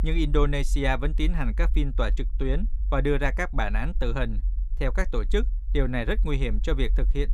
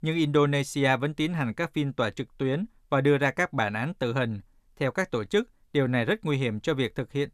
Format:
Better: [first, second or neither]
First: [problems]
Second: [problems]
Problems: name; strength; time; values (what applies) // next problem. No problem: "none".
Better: second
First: low rumble; faint; throughout; 25 dB below the speech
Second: none